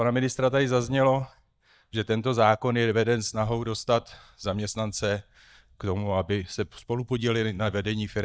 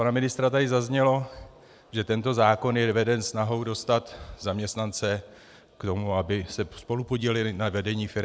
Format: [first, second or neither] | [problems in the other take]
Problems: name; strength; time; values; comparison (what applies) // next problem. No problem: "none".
second | noise reduction (neural mask model DeepFilterNet 3)